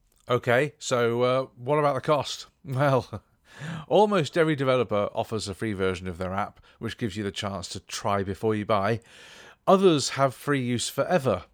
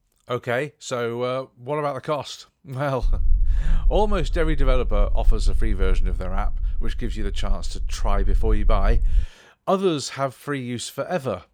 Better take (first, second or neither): first